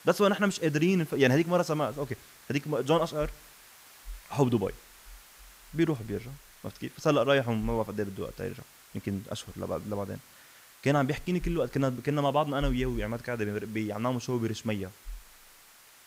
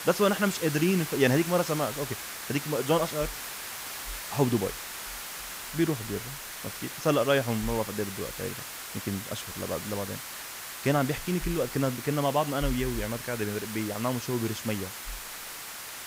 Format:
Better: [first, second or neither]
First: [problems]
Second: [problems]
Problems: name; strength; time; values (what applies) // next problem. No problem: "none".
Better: first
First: hiss; faint; throughout; 20 dB below the speech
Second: hiss; loud; throughout; 7 dB below the speech